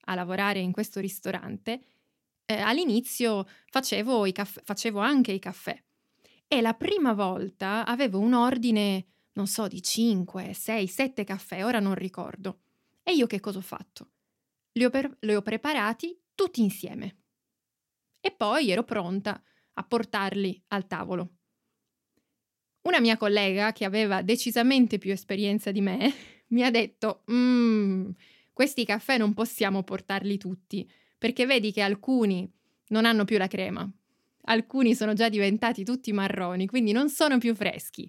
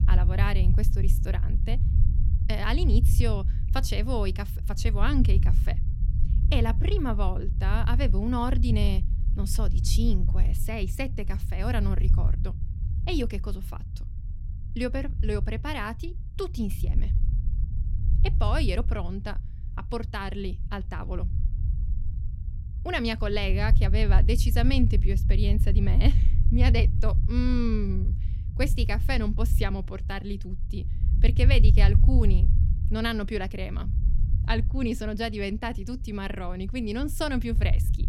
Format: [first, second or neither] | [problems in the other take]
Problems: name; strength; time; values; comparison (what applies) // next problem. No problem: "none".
first | low rumble; noticeable; throughout; 10 dB below the speech